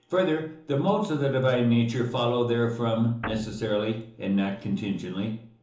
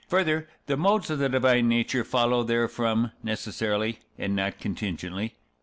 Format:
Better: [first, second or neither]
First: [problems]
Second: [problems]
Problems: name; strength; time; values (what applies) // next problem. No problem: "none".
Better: second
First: background sound (Guitar); 13 dB below the speech // room echo; dies away in 0.6 s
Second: none